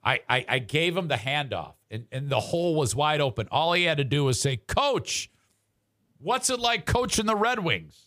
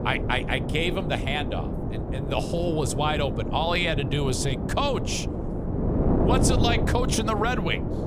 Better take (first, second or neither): first